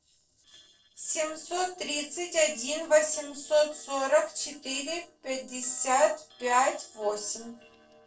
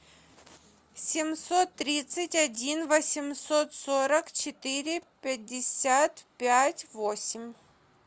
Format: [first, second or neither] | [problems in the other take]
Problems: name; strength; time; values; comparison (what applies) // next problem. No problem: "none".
second | noise reduction (neural separator model SepFormer DNS4)